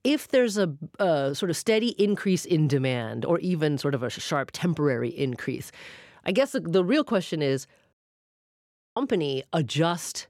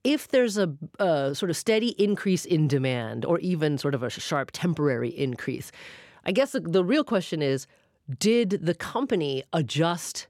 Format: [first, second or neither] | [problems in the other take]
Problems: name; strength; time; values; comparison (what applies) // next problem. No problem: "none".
second | audio cutting out; at 8 s for 1 s